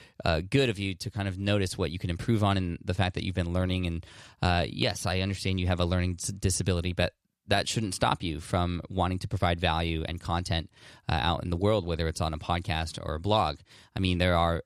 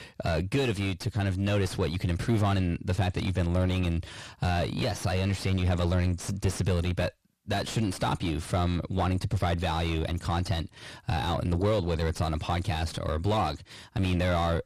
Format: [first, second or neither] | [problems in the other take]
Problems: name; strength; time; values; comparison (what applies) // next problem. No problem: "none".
first | distortion; heavy; 6 dB below the speech